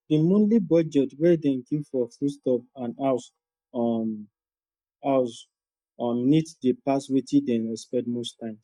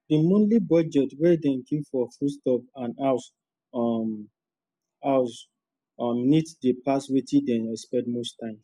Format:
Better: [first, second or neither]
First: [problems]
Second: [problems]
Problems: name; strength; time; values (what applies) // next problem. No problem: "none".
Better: second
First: noise reduction (neural mask model DeepFilterNet 3)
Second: none